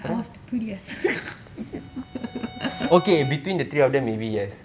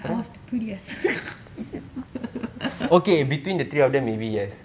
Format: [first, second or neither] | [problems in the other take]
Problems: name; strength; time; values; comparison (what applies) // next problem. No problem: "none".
second | background sound (Bowed string instrument); 18 dB below the speech